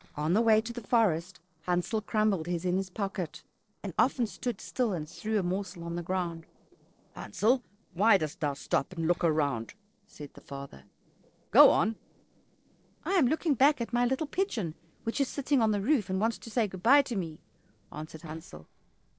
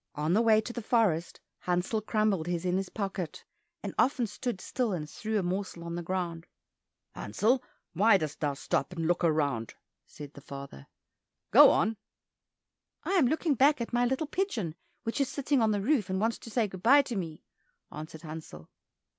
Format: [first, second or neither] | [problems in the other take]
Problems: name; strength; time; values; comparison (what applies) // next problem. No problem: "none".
second | noise reduction (neural separator model SepFormer DNS4)